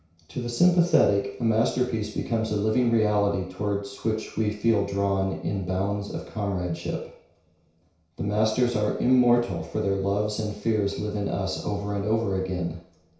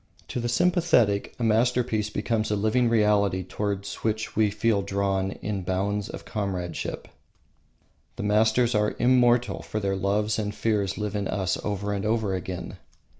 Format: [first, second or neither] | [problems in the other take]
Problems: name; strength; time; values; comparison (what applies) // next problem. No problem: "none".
second | room echo; dies away in 0.6 s